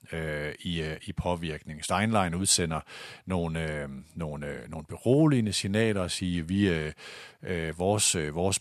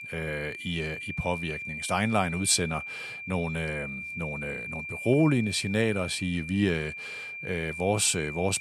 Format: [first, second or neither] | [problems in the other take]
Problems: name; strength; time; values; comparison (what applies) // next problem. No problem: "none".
first | high-pitched whine; loud; throughout; 2.5 kHz, 7 dB below the speech